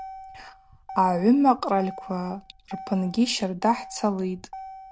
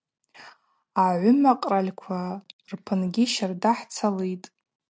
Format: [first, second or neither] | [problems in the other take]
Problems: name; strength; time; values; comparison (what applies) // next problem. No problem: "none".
second | background sound (Motor vehicle (road)); 17 dB below the speech